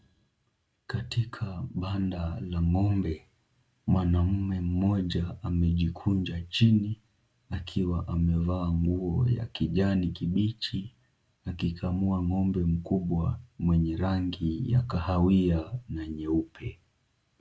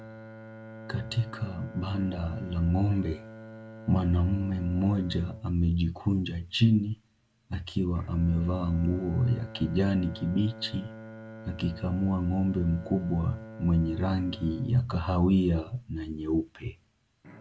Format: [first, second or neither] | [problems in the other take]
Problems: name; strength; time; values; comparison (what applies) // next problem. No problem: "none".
first | background sound (Bowed string instrument); 17 dB below the speech